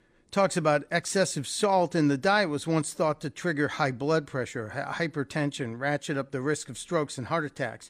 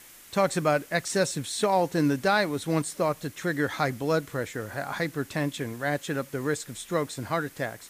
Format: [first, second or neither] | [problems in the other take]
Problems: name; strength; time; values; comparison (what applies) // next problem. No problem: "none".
first | hiss; faint; throughout; 20 dB below the speech